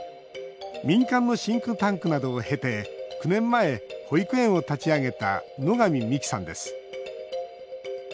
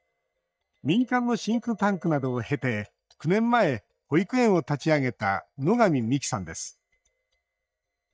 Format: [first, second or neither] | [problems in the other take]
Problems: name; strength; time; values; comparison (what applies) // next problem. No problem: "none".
first | noise reduction (neural mask model DeepFilterNet 3)